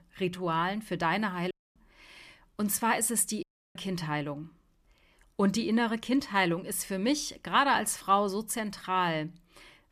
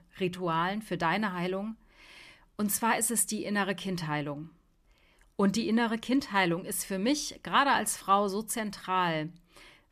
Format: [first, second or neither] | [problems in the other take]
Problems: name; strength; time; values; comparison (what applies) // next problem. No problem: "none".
second | audio cutting out; at 1.5 s and at 3.5 s